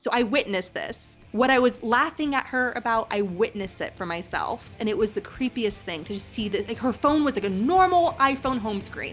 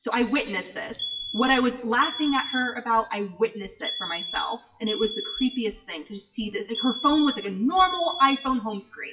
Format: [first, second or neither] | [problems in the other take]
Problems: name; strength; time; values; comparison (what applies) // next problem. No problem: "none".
first | noise reduction (classical method WPE with log-MMSE)